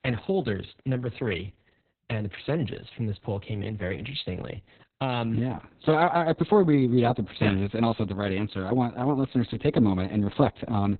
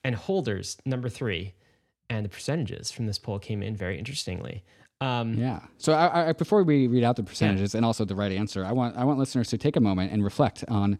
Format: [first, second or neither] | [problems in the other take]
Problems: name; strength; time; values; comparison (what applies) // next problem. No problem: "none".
second | garbled, watery; badly; nothing above 4 kHz